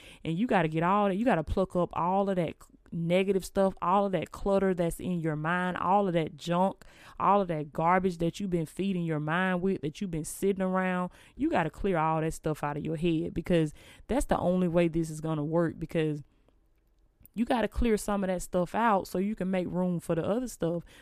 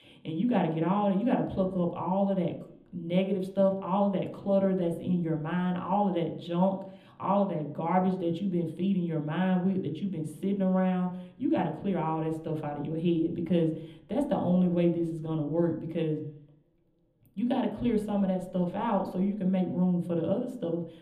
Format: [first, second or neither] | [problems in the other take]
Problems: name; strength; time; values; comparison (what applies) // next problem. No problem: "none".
first | room echo; slight; dies away in 0.7 s // off-mic speech; somewhat distant